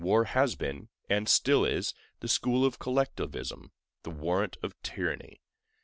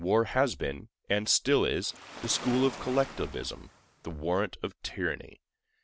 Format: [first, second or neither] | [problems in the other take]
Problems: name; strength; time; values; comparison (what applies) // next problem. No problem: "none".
first | background sound (Waves, surf); 14 dB below the speech